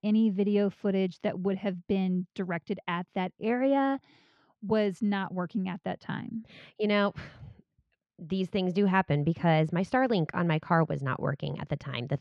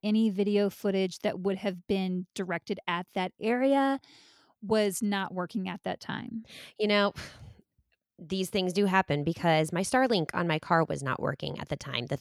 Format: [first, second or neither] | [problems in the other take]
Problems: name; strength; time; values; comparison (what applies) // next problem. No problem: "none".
second | muffled; slightly; fading above 3 kHz